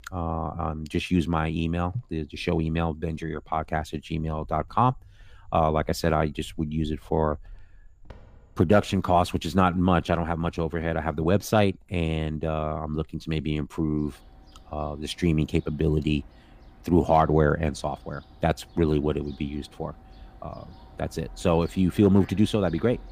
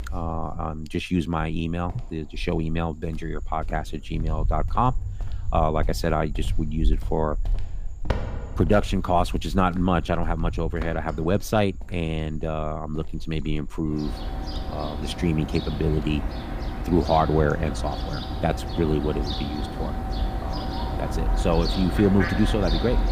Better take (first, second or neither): first